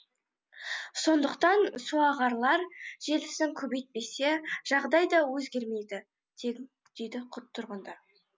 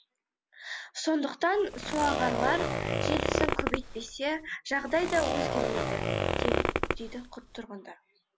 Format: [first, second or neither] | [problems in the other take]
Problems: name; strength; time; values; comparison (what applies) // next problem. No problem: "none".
first | background sound (Zipper (clothing)); 2 dB above the speech